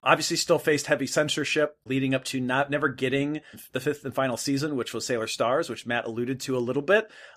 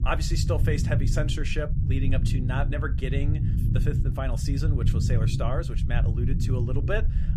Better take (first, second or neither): first